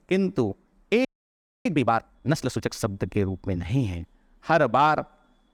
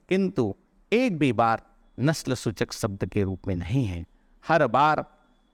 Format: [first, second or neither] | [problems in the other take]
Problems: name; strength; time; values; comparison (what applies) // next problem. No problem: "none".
second | audio freezing; at 1 s for 0.5 s